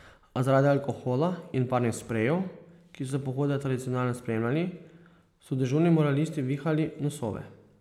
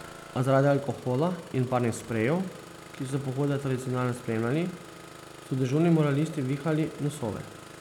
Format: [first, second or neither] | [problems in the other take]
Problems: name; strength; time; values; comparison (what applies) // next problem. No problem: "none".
first | background sound (Engine starting); 18 dB below the speech